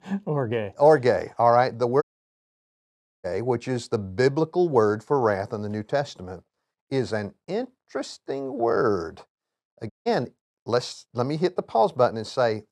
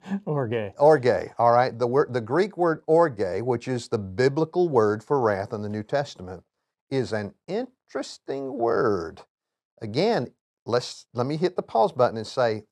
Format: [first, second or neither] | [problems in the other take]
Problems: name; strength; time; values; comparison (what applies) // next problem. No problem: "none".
second | audio cutting out; at 2 s for 1 s and at 10 s